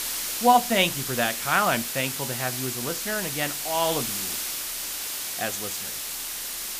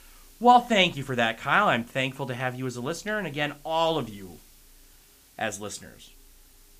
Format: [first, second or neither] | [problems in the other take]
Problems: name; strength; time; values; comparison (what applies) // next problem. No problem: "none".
second | hiss; loud; throughout; 3 dB below the speech; faint in the second